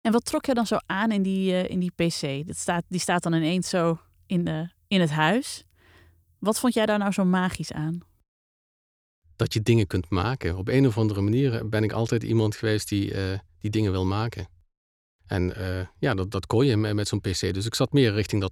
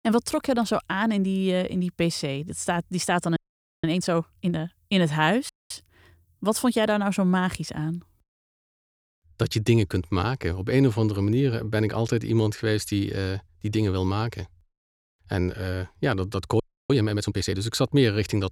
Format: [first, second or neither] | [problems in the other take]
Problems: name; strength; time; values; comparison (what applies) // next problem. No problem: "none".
first | audio freezing; at 3.5 s, at 5.5 s and at 17 s